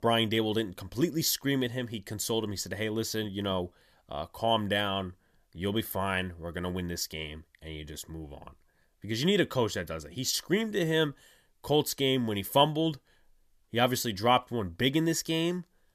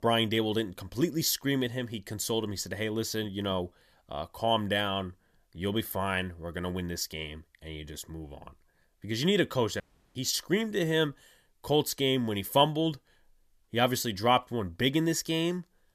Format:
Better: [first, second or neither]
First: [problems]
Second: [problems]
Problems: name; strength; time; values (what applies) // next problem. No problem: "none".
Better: first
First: none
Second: audio cutting out; at 10 s